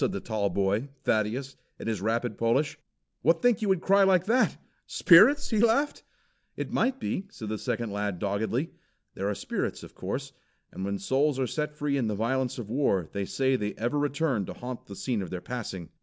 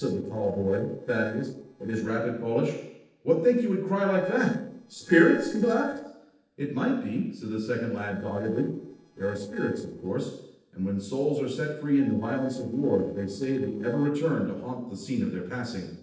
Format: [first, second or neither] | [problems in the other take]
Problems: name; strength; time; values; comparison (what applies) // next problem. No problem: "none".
first | noise reduction (neural separator model SepFormer DNS4)